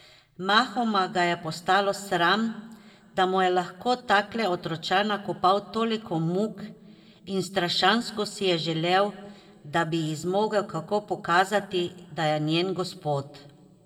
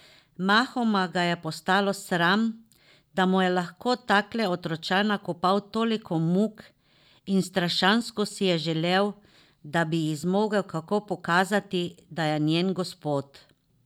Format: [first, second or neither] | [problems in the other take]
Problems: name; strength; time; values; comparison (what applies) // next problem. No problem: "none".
second | room echo; dies away in 0.9 s